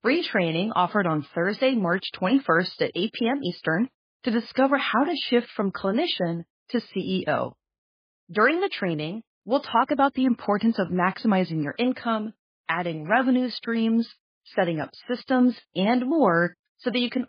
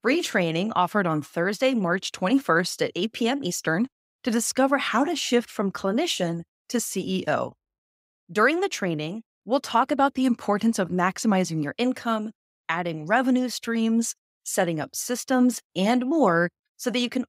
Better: second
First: garbled, watery; badly; nothing above 4.5 kHz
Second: none

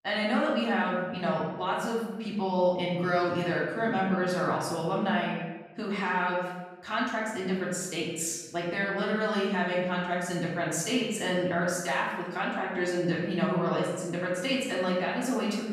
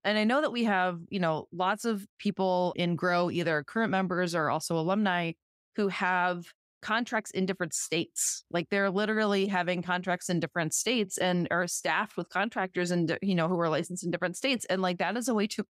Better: second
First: room echo; noticeable; dies away in 1 s // off-mic speech; far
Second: none

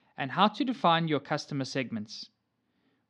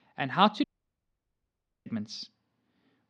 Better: first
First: none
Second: audio cutting out; at 0.5 s for 1 s

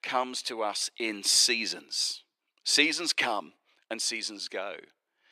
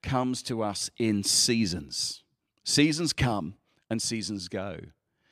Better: second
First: thin; very; fading below 400 Hz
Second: none

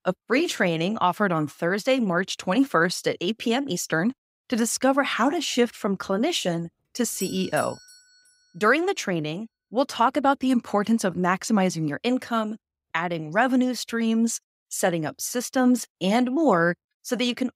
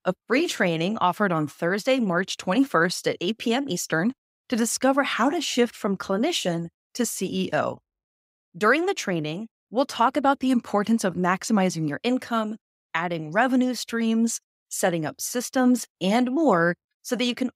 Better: second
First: doorbell; faint; at 7 s; peak 10 dB below the speech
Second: none

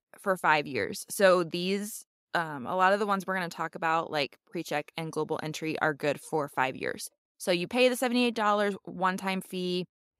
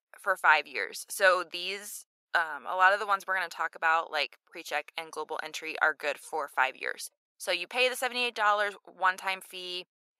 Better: first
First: none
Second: thin; very; fading below 750 Hz

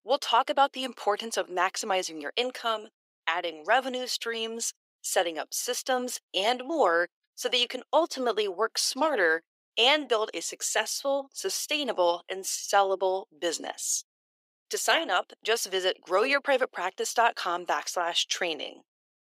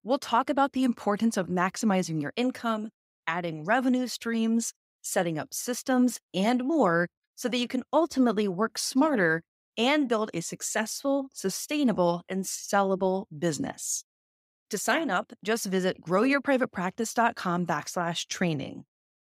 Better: second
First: thin; very; fading below 400 Hz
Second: none

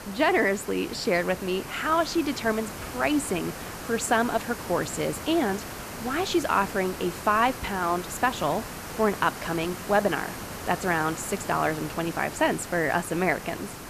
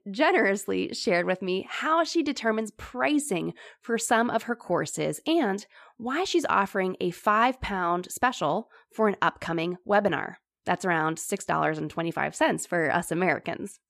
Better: second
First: hiss; noticeable; throughout; 10 dB below the speech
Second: none

